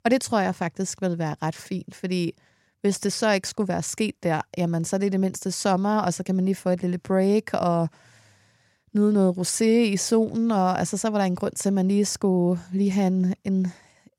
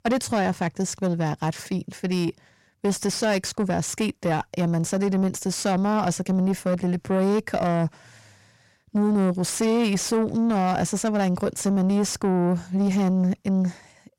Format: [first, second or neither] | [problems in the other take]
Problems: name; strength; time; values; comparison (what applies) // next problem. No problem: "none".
first | distortion; slight; 10 dB below the speech